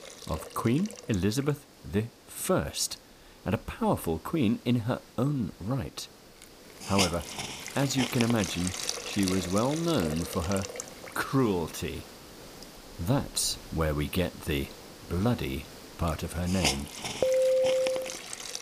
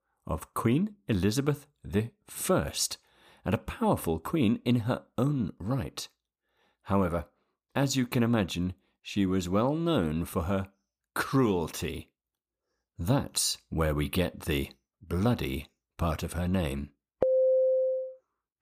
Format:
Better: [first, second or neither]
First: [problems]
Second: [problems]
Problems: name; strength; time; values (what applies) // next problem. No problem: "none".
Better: second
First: hiss; loud; throughout; 7 dB below the speech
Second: none